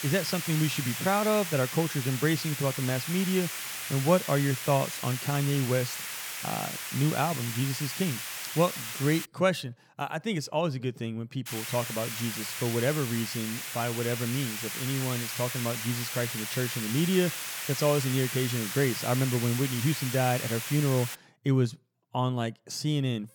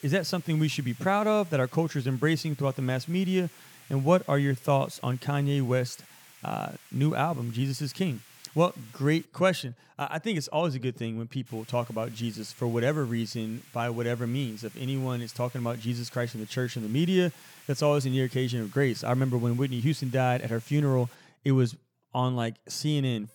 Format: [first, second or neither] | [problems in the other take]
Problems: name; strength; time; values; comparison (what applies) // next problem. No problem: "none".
second | hiss; loud; until 9.5 s and from 11 to 21 s; 4 dB below the speech; faint in the second